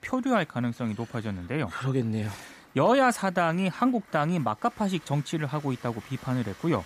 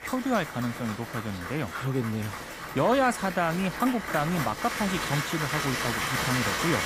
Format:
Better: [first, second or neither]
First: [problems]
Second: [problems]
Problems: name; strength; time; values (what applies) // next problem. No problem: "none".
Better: first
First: crowd noise; faint; throughout; 25 dB below the speech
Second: crowd noise; loud; throughout; 3 dB below the speech